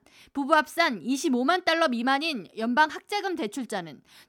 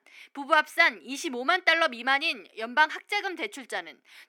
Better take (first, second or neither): first